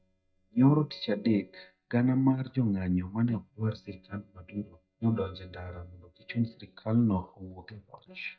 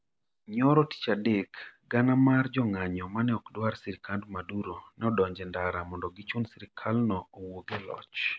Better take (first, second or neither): second